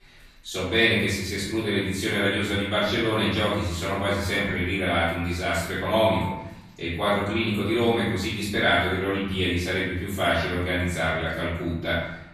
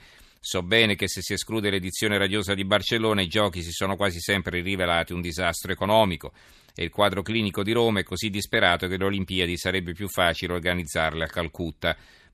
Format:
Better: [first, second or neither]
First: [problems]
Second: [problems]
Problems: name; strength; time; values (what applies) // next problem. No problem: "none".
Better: second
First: off-mic speech; far // room echo; noticeable; dies away in 0.9 s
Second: none